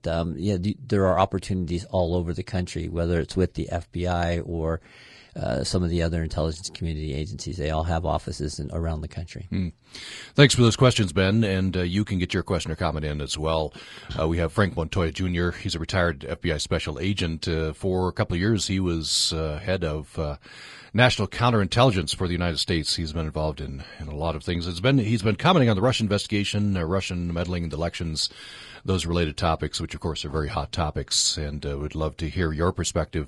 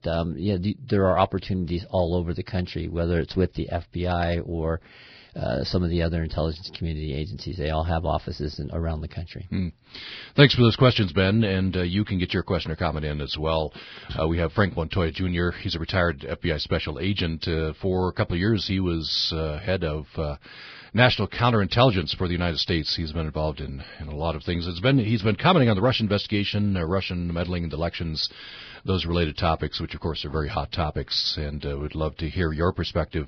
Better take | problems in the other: first | garbled, watery; badly; nothing above 5 kHz; slightly in the first

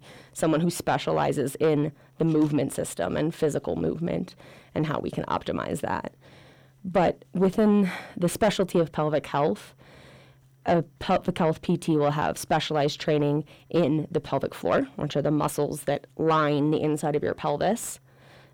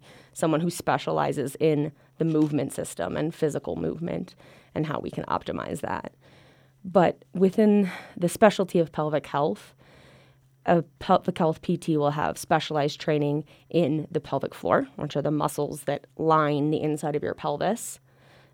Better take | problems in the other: second | distortion; slight; 10 dB below the speech

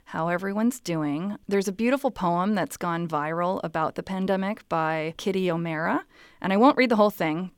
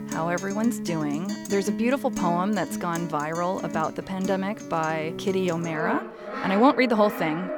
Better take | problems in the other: first | background music; loud; throughout; 8 dB below the speech

